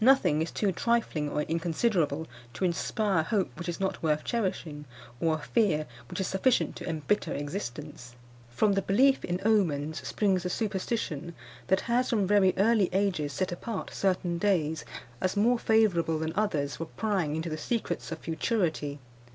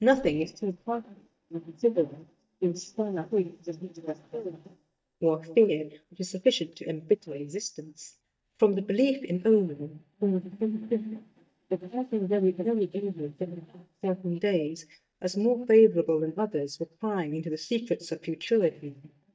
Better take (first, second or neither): first